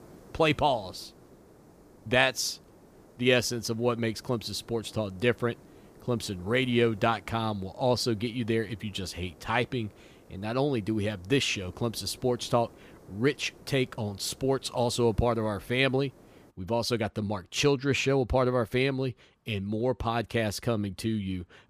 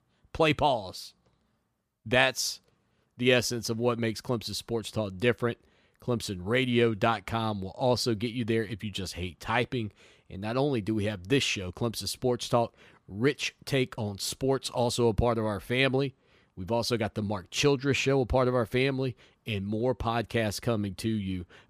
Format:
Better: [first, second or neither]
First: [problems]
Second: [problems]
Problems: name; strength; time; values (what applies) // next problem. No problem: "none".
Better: second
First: hiss; faint; until 17 s; 25 dB below the speech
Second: none